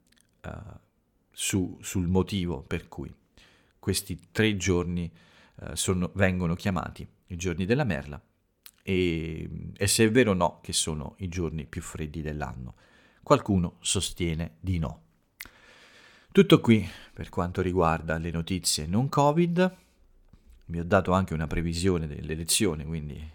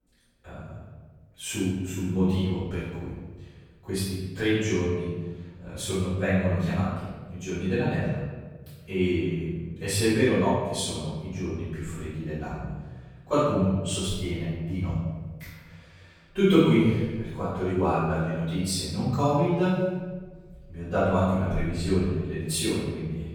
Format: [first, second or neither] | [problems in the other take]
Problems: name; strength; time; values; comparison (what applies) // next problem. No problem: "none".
first | off-mic speech; far // room echo; strong; dies away in 1.3 s